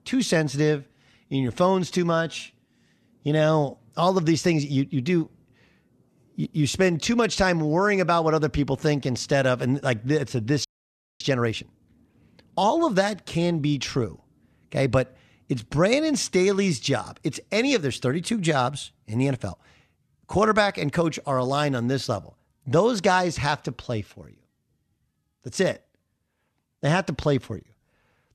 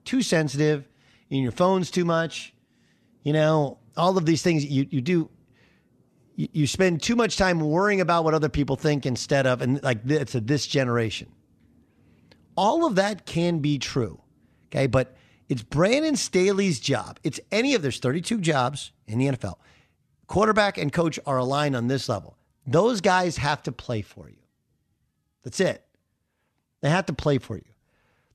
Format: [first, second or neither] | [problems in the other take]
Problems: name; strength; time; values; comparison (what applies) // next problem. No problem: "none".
second | audio freezing; at 11 s for 0.5 s